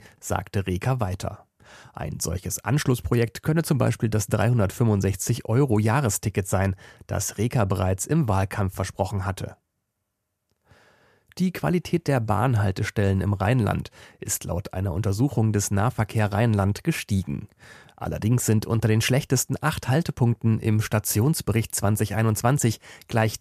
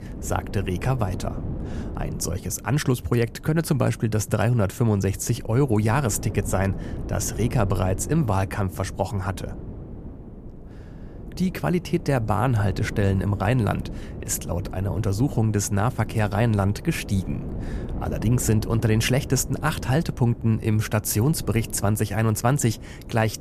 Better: first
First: none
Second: wind noise on the microphone; occasional gusts; 15 dB below the speech

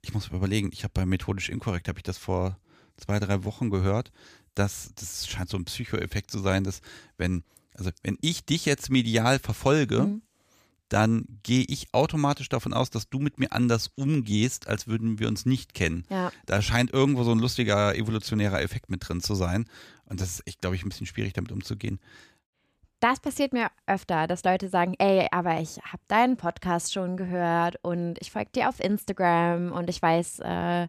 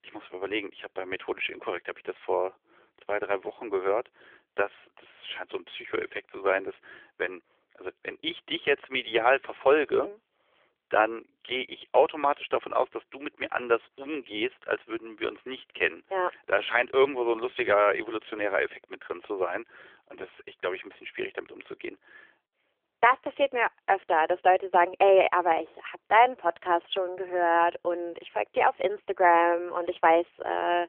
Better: first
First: none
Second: phone-call audio; nothing above 3.5 kHz

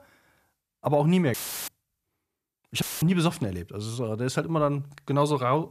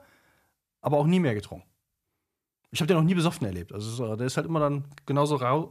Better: second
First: audio cutting out; filled with static; at 1.5 s and at 3 s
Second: none

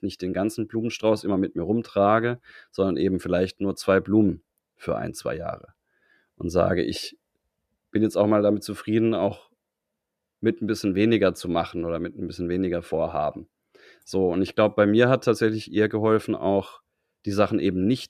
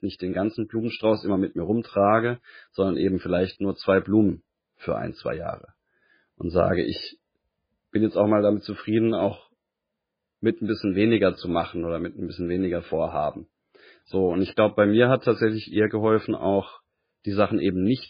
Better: first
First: none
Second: garbled, watery; badly

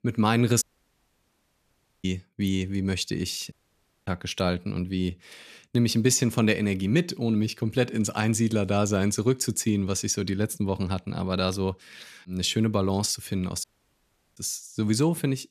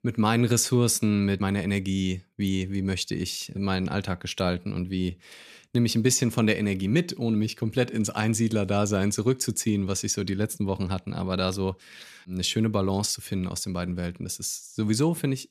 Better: second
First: audio cutting out; at 0.5 s for 1.5 s, at 3.5 s for 0.5 s and at 14 s for 0.5 s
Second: none

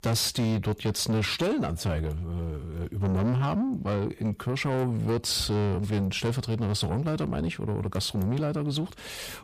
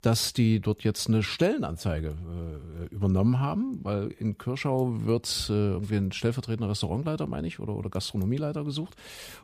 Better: second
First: distortion; heavy; 8 dB below the speech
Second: none

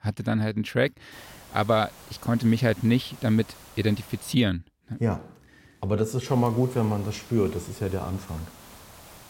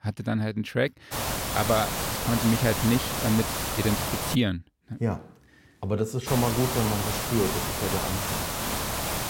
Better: first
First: hiss; faint; from 1 to 4.5 s and from 6.5 s on; 20 dB below the speech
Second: hiss; loud; from 1 to 4.5 s and from 6.5 s on; 1 dB below the speech

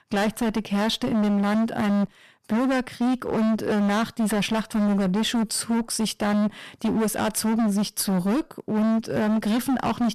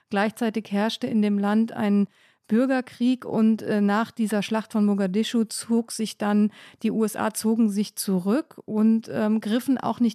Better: second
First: distortion; heavy; 30% of the sound clipped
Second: none

